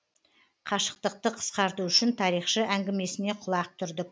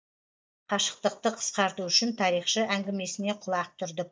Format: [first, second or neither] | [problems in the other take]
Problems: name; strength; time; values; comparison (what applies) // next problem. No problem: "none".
first | noise reduction (neural mask model DeepFilterNet 3)